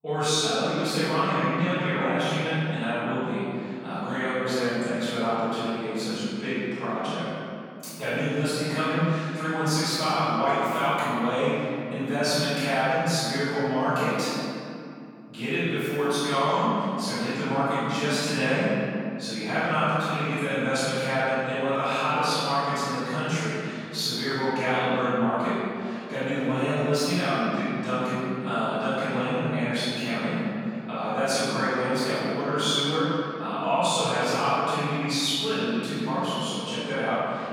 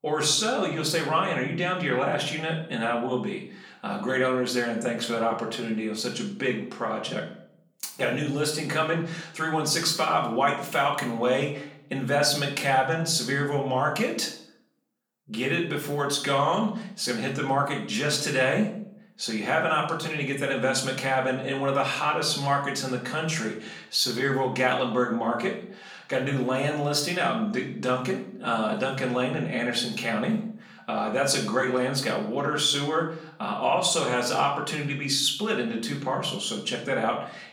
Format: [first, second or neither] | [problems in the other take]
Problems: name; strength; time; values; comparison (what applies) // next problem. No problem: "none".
second | room echo; strong; dies away in 2.5 s; slight in the second // off-mic speech; far; far in the second